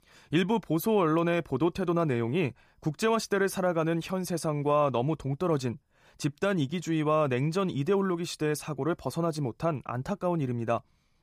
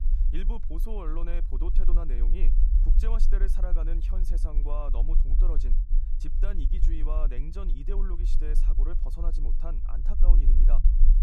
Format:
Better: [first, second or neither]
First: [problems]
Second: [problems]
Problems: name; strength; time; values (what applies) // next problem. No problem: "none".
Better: first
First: none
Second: low rumble; loud; throughout; 8 dB below the speech